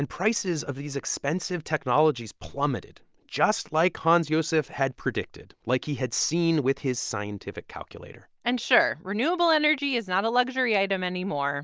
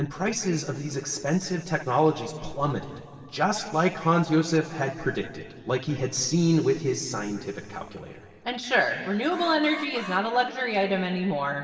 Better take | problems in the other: first | background sound (Alarm); 16 dB below the speech // room echo; dies away in 2.4 s

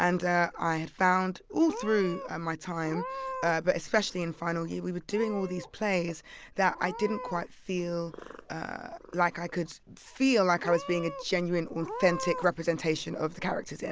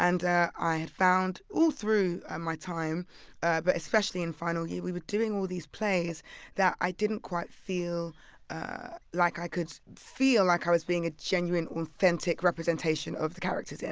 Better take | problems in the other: second | background sound (Meow / Purr); 14 dB below the speech

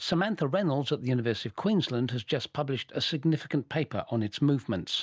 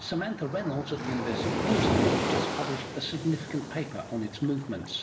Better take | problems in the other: first | background sound (Waves, surf); 1 dB above the speech // room echo; dies away in 0.9 s

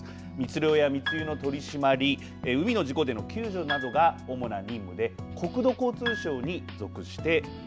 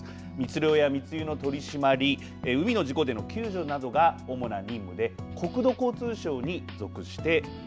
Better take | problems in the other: second | background sound (Piano); 12 dB below the speech

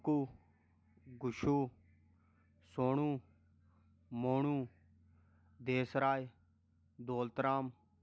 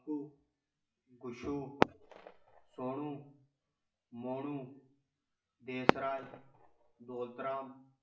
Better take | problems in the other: first | noise reduction (classical method WPE with log-MMSE)

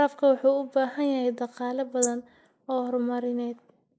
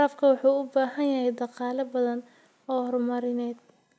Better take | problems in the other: second | noise reduction (neural mask model Resemble Enhance denoiser)

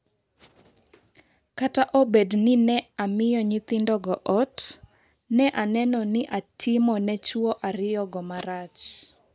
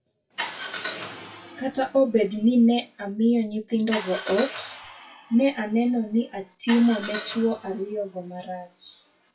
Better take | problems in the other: first | noise reduction (classical method WPE with log-MMSE)

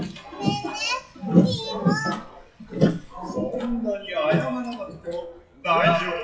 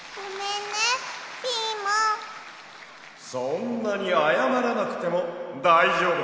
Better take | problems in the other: second | noise reduction (classical method WPE with log-MMSE)

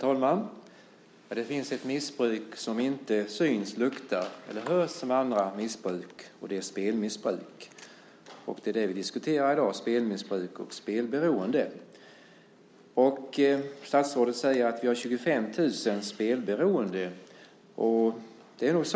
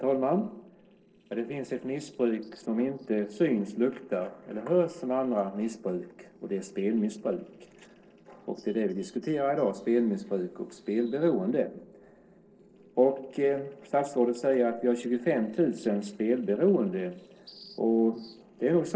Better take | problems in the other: first | noise reduction (neural separator model SepFormer DNS4)

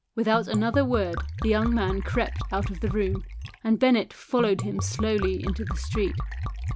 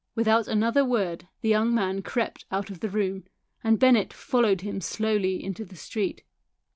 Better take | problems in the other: second | background sound (Liquid); 5 dB below the speech

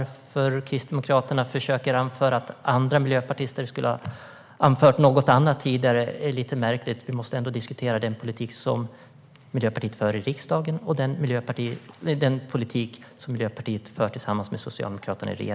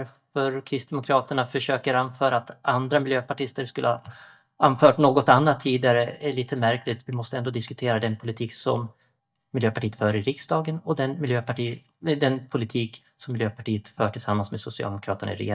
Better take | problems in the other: first | noise reduction (neural mask model DeepFilterNet 3)

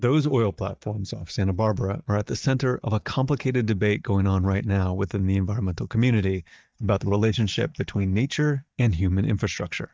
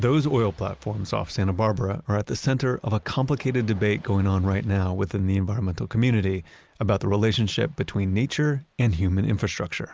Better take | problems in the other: second | noise reduction (neural mask model DeepFilterNet 3)

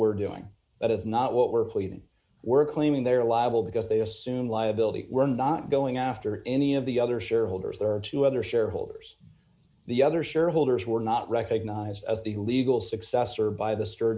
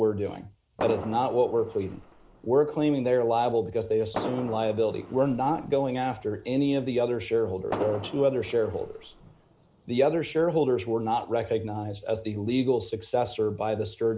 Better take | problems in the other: first | background sound (Fireworks); 13 dB below the speech

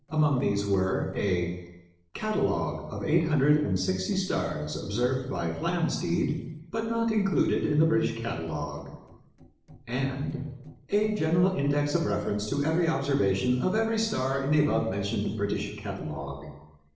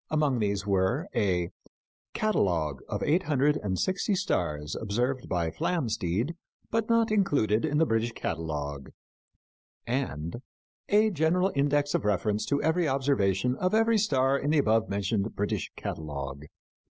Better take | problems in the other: second | noise reduction (neural separator model SepFormer DNS4)

